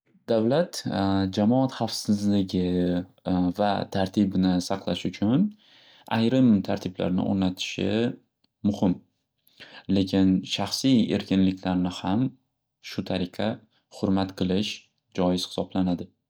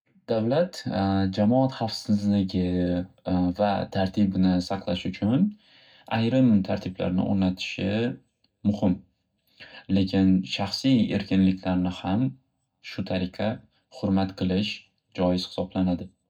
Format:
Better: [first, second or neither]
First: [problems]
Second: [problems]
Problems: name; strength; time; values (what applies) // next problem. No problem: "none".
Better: first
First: none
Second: room echo; dies away in 0.3 s